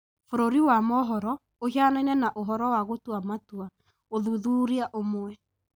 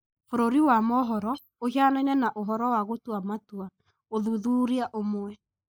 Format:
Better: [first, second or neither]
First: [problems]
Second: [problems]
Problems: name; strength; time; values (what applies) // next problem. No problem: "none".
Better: first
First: none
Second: noise reduction (neural mask model Resemble Enhance denoiser)